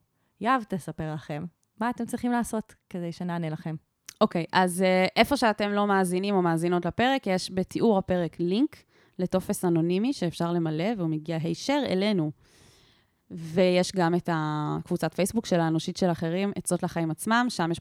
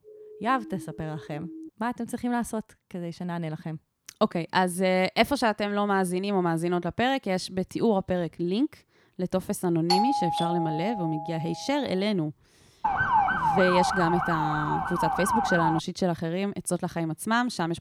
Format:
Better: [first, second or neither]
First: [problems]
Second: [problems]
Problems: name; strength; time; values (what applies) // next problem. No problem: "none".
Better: first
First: none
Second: siren; faint; until 1.5 s; peak 15 dB below the speech // doorbell; loud; from 10 to 12 s; peak 3 dB above the speech // siren; loud; from 13 to 16 s; peak 5 dB above the speech